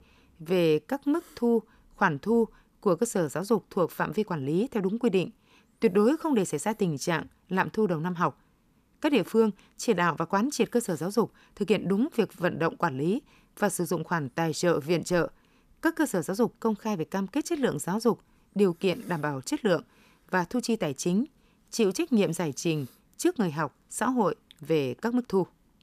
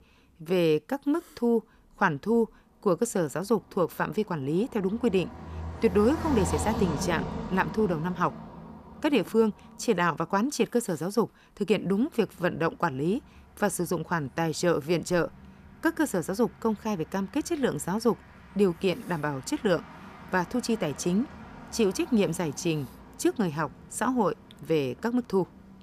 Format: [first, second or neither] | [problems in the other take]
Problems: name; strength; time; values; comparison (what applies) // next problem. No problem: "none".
first | traffic noise; noticeable; throughout; 15 dB below the speech